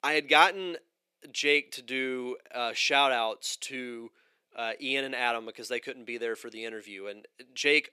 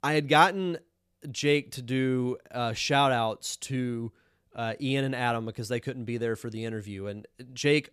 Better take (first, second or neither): second